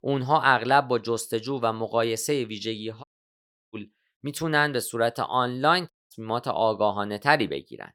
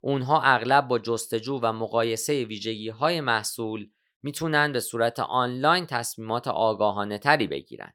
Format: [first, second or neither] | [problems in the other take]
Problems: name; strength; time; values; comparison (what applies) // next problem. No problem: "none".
second | audio cutting out; at 3 s for 0.5 s and at 6 s